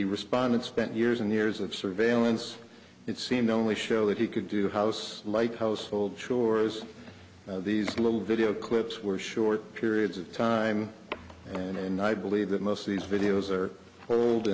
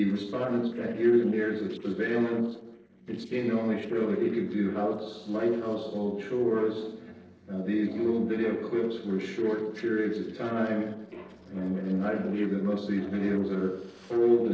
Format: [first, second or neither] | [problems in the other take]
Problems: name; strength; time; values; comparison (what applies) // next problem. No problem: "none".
first | noise reduction (neural separator model SepFormer DNS4)